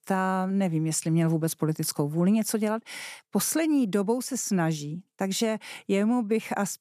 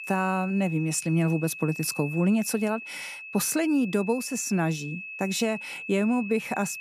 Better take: first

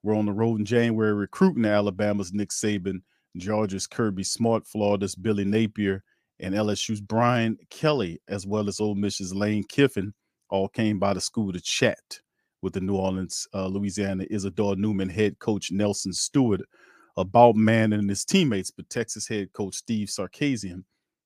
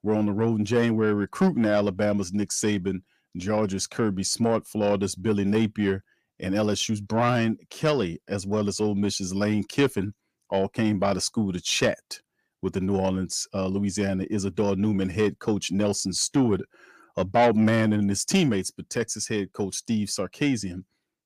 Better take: first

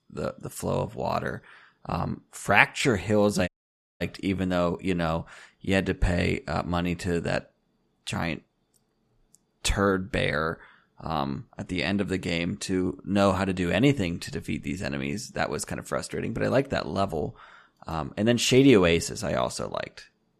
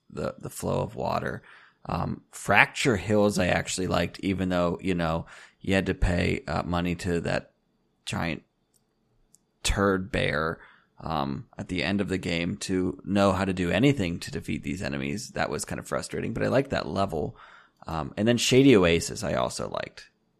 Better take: second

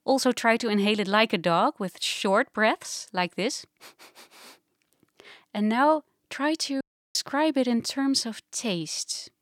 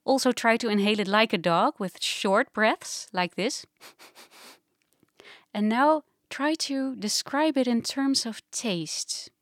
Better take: second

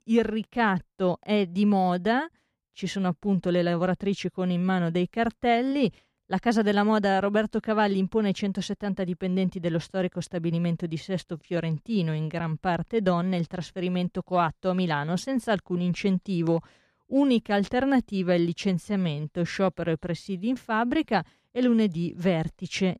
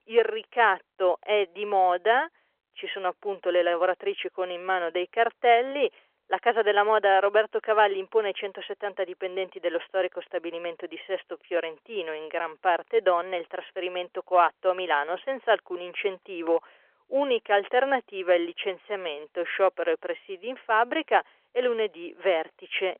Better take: first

